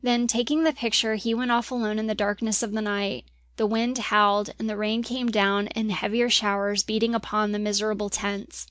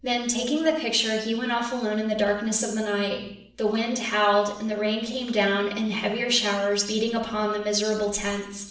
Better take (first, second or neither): first